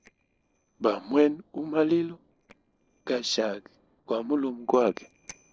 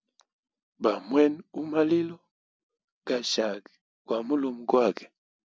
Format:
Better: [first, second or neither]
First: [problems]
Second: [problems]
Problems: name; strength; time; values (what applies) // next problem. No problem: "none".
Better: second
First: noise reduction (neural separator model SepFormer DNS4)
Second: none